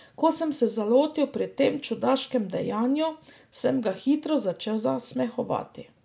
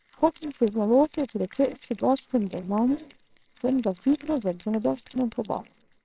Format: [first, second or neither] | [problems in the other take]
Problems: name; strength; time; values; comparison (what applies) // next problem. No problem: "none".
first | noise reduction (neural separator model SepFormer WHAMR!)